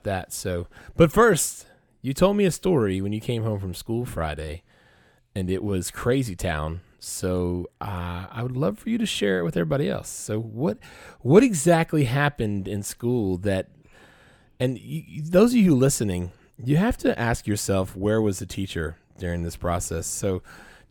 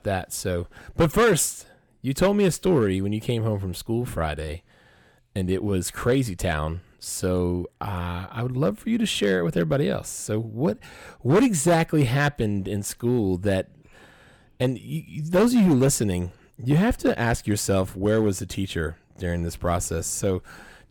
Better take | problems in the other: first | distortion; slight; 3% of the sound clipped

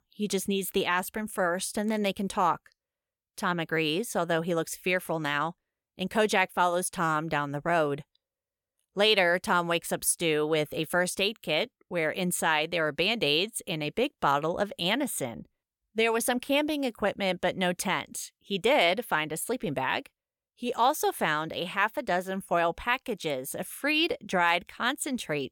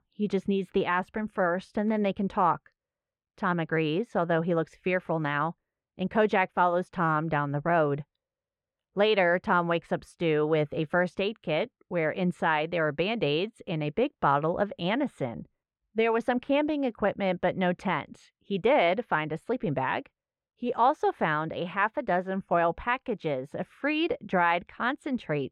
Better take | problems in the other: first | muffled; very; fading above 2 kHz

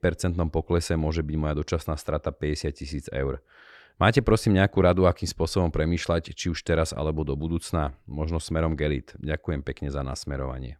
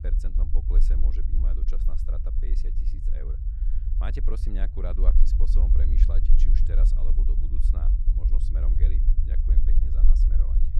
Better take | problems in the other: first | low rumble; loud; throughout; 1 dB below the speech

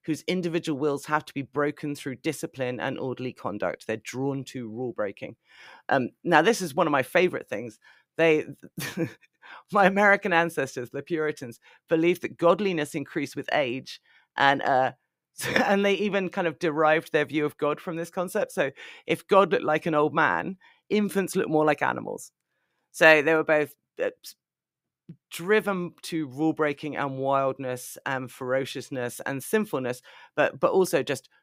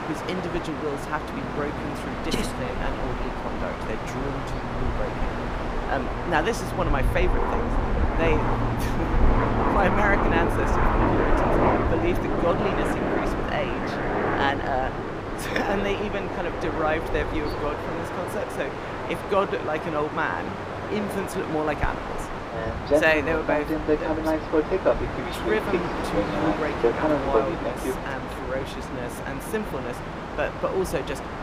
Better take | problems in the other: first | train or aircraft noise; very loud; throughout; 2 dB above the speech

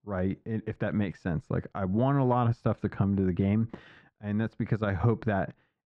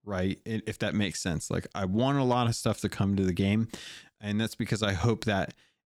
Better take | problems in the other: second | muffled; very; fading above 1.5 kHz

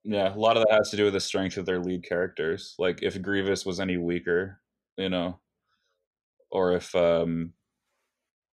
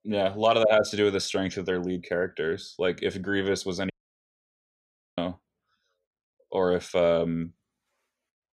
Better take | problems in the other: first | audio cutting out; at 4 s for 1.5 s

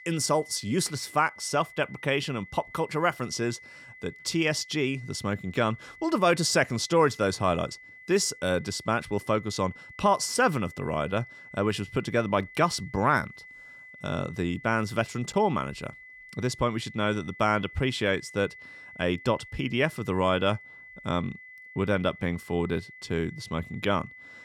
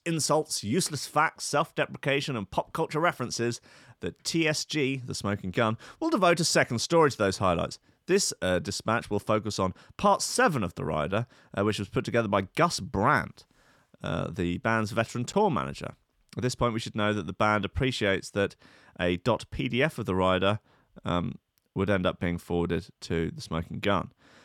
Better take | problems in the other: second | high-pitched whine; noticeable; throughout; 2 kHz, 20 dB below the speech

